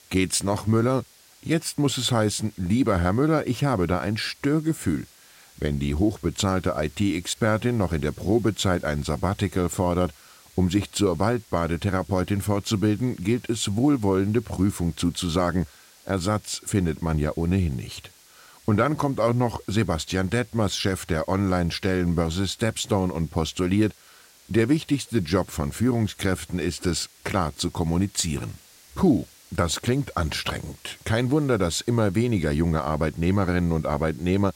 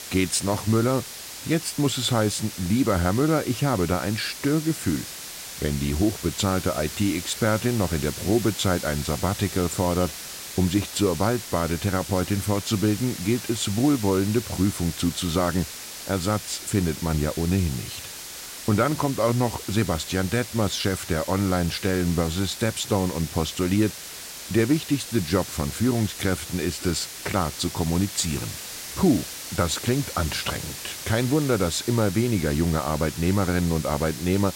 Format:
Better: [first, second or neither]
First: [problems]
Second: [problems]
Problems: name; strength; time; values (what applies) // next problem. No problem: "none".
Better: first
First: hiss; faint; throughout; 25 dB below the speech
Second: hiss; loud; throughout; 10 dB below the speech